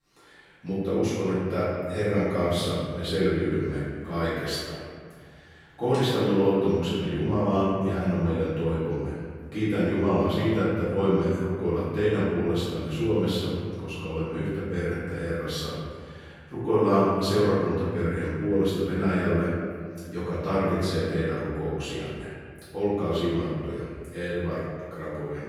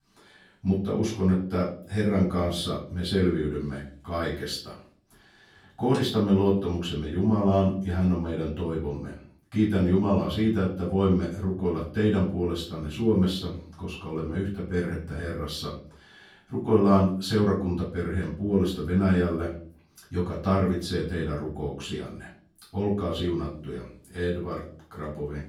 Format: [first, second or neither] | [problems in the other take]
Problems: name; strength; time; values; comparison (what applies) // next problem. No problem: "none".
second | room echo; strong; dies away in 1.9 s; slight in the second // off-mic speech; far; far in the second